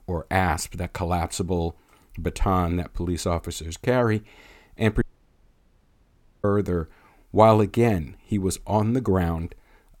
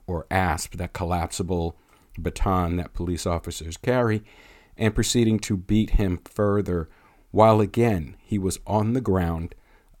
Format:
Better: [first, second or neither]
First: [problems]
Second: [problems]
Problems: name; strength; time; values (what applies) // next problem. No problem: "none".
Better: second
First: audio cutting out; at 5 s for 1.5 s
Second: none